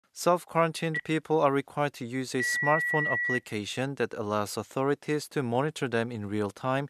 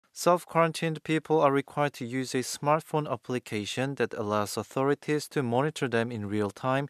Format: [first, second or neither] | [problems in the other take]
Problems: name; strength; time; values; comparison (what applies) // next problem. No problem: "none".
second | phone ringing; loud; from 1 to 3.5 s; peak 3 dB above the speech